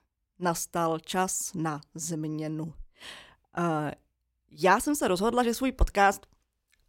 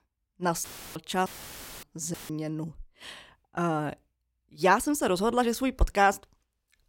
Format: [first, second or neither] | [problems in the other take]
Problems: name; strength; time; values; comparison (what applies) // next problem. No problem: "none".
first | audio cutting out; filled with static; at 0.5 s, at 1.5 s for 0.5 s and at 2 s